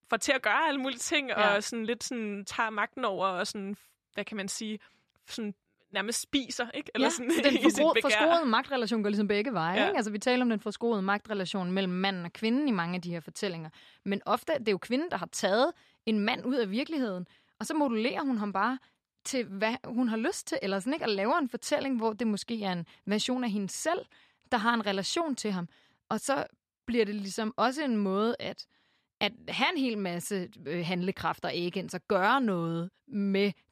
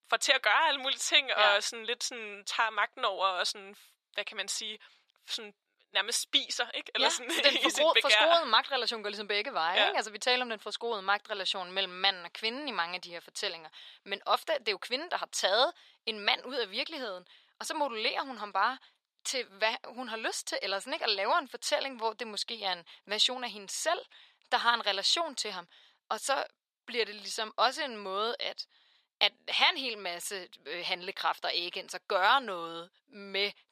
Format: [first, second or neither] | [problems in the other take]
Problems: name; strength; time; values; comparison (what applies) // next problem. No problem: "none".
first | thin; very; fading below 700 Hz